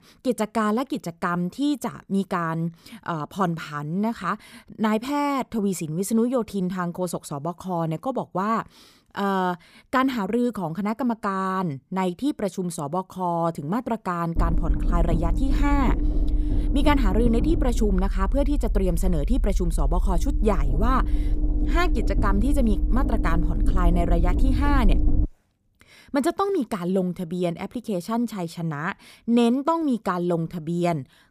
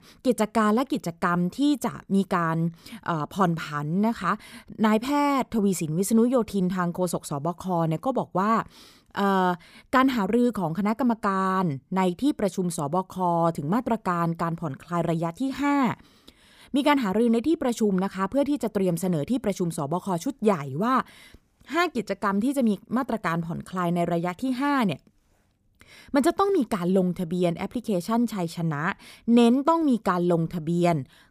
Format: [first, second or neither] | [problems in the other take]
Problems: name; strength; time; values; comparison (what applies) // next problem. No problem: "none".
second | low rumble; loud; from 14 to 25 s; 10 dB below the speech